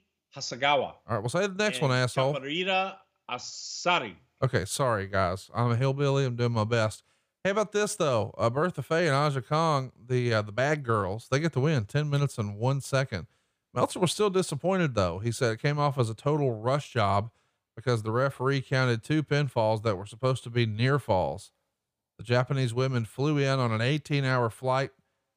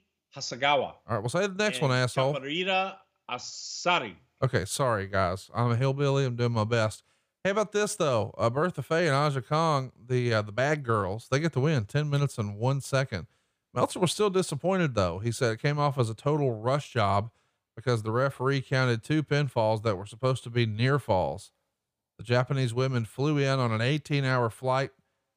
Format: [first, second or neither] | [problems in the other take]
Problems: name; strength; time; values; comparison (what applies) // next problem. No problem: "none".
neither | none